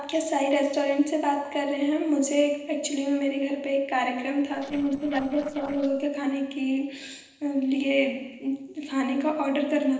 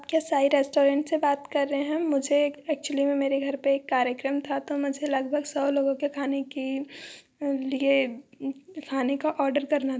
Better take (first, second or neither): second